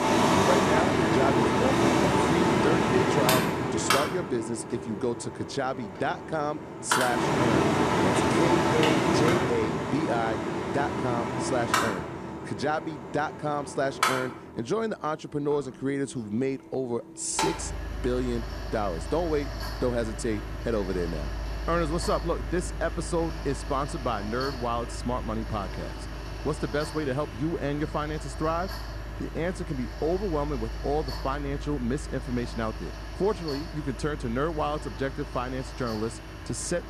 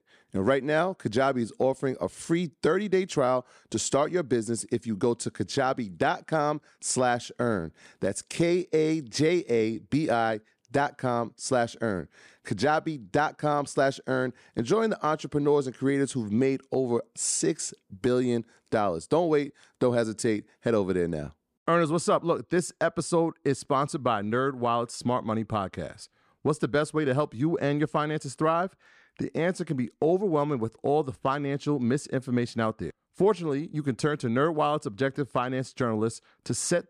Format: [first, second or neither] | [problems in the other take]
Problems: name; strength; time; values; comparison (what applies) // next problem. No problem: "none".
second | machinery noise; very loud; throughout; 2 dB above the speech